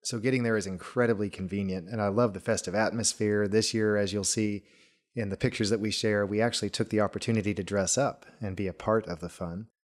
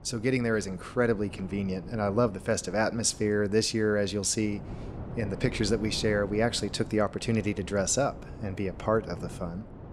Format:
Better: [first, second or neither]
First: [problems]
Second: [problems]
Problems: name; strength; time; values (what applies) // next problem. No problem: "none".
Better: first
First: none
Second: wind noise on the microphone; occasional gusts; 20 dB below the speech